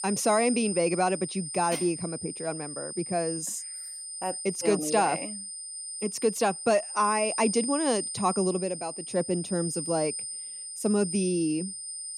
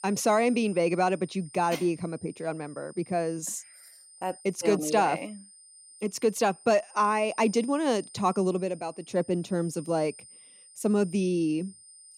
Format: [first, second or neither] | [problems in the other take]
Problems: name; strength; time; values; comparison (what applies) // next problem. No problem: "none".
second | high-pitched whine; loud; throughout; 9 kHz, 6 dB below the speech; faint in the second